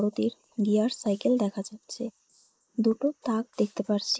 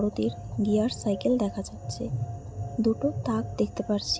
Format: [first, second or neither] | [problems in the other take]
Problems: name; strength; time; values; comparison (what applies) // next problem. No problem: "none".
second | noise reduction (neural mask model Resemble Enhance denoiser)